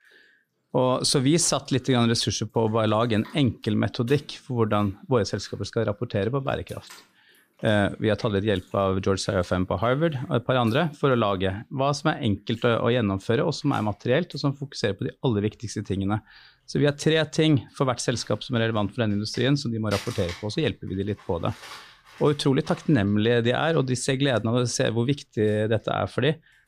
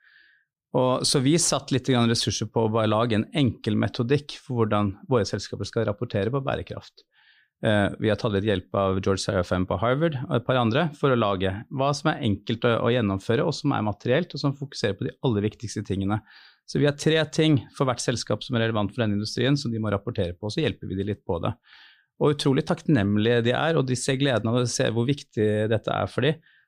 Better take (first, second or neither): second